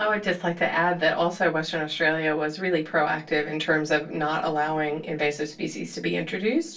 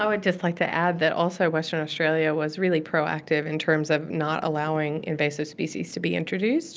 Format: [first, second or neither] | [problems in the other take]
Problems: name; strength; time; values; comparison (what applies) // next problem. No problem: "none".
second | room echo; dies away in 0.2 s